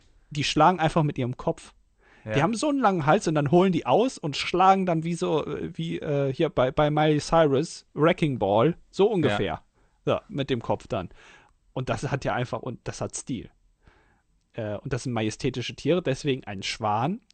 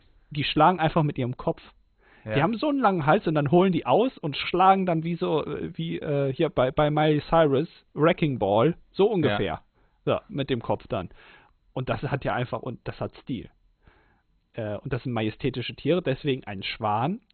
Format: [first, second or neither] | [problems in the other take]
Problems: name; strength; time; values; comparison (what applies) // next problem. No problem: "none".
first | garbled, watery; badly; nothing above 4 kHz; slightly in the first